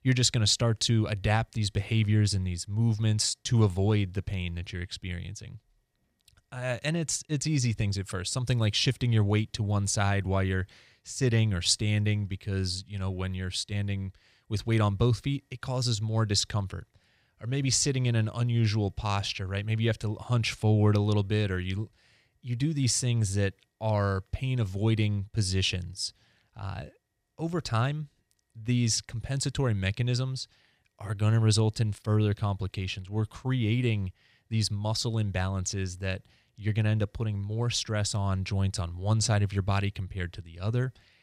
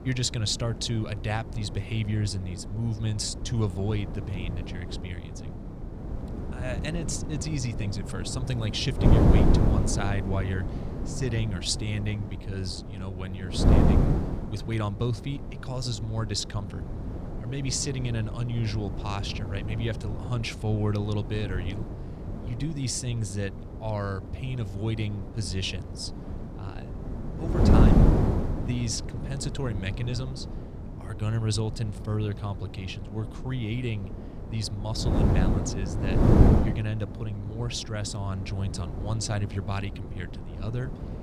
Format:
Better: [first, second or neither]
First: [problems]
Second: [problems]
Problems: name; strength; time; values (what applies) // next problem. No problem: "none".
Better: first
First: none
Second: wind noise on the microphone; heavy; 2 dB below the speech